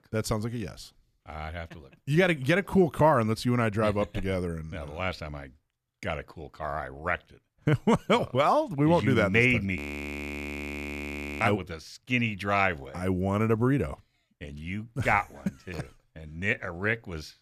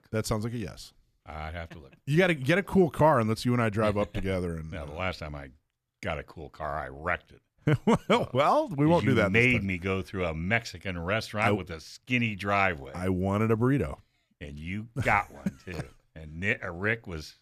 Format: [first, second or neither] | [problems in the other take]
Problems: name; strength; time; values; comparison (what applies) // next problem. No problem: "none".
second | audio freezing; at 10 s for 1.5 s